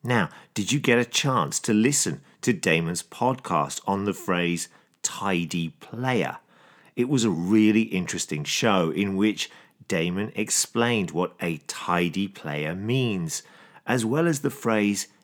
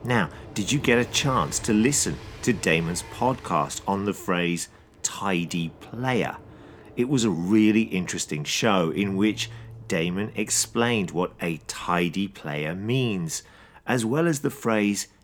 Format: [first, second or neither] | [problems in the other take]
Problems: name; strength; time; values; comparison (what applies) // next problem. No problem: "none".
first | train or aircraft noise; noticeable; throughout; 20 dB below the speech